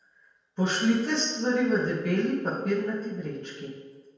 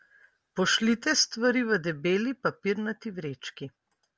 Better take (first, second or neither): second